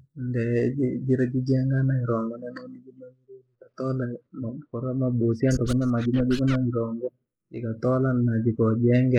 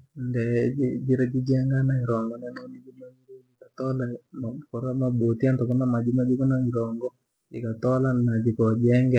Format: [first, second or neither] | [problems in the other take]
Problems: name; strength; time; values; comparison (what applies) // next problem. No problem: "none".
second | noise reduction (neural mask model Resemble Enhance denoiser)